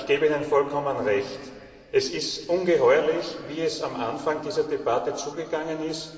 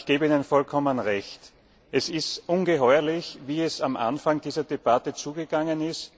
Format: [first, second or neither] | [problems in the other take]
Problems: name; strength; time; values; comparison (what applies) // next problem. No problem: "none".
second | room echo; dies away in 2.3 s